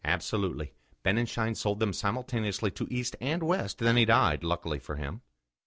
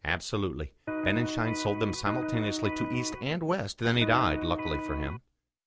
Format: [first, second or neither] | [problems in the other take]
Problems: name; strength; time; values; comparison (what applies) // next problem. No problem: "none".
first | background sound (Electric guitar); 3 dB below the speech